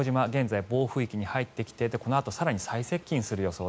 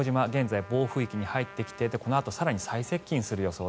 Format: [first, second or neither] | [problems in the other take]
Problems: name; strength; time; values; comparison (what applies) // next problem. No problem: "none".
first | background sound (Trumpet); 20 dB below the speech